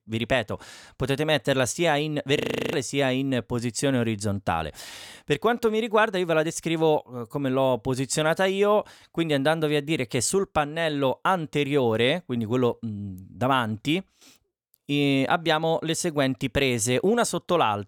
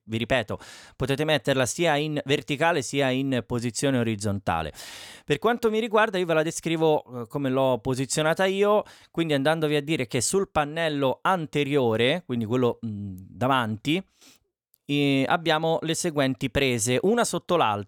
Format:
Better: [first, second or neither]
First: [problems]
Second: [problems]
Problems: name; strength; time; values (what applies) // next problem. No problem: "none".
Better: second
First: audio freezing; at 2.5 s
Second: none